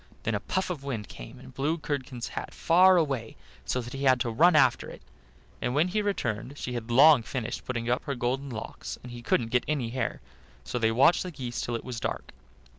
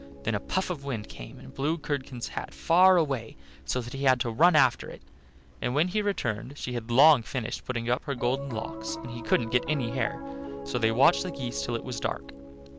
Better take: first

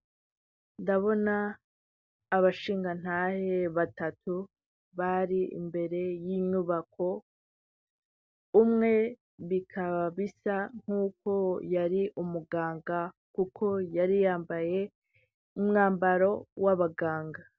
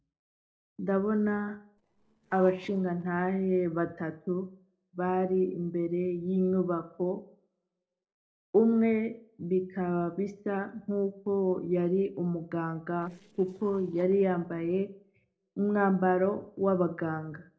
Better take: first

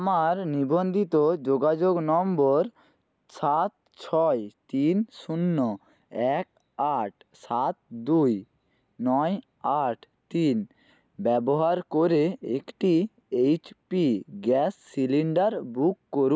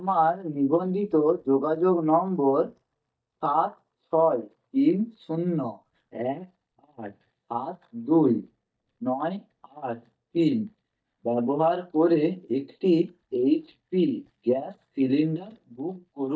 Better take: first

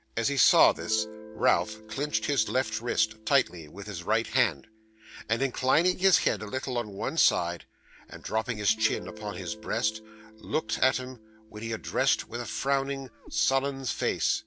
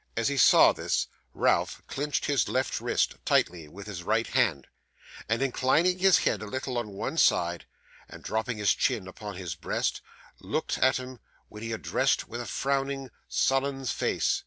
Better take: second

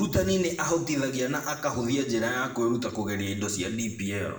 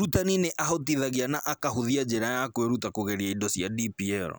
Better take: second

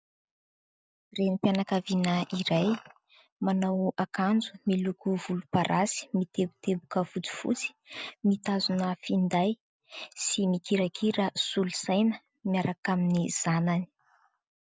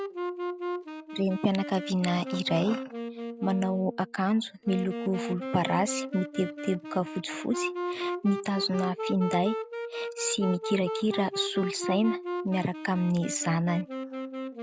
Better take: first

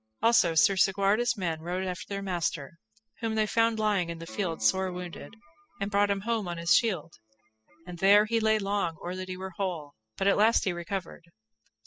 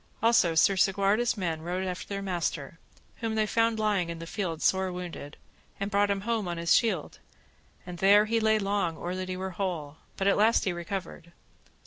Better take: second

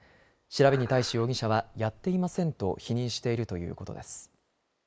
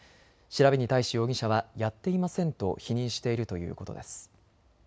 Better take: second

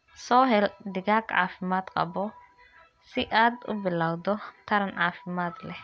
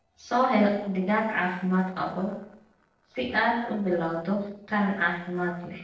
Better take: first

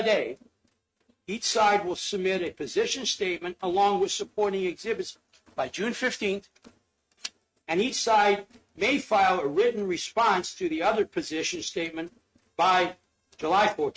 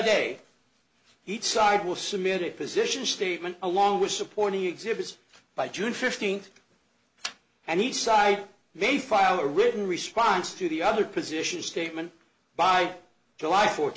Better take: second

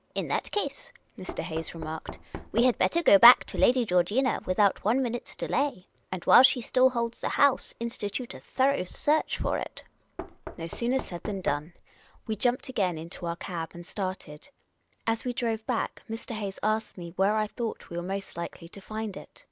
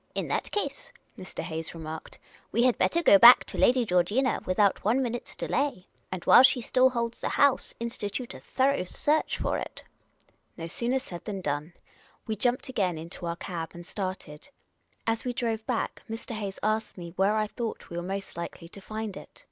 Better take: second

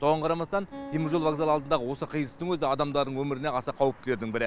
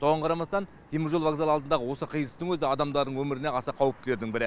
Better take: second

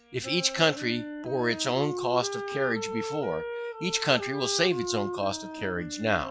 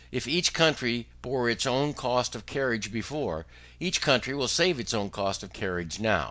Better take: second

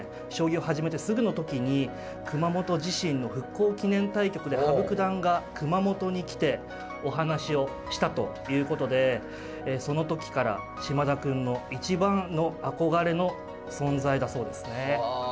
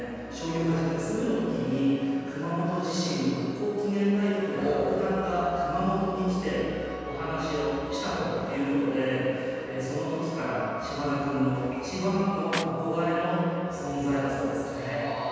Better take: first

